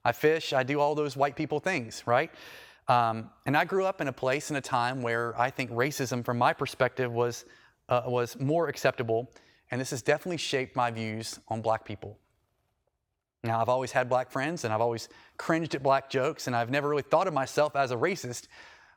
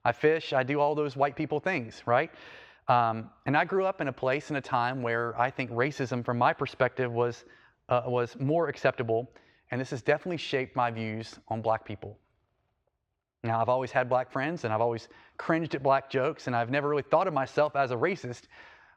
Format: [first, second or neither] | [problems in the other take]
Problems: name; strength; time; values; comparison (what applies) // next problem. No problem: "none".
first | muffled; slightly; fading above 3.5 kHz